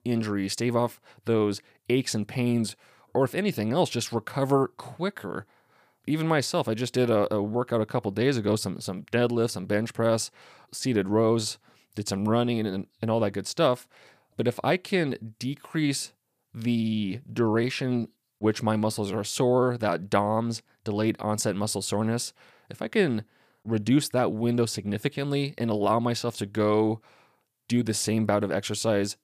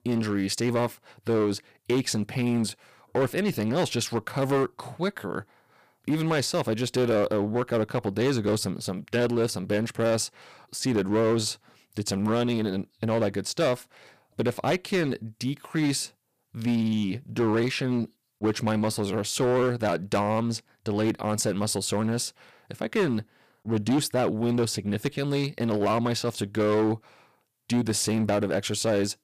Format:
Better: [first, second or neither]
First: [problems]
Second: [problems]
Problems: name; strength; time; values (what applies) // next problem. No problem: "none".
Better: first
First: none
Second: distortion; slight; 8% of the sound clipped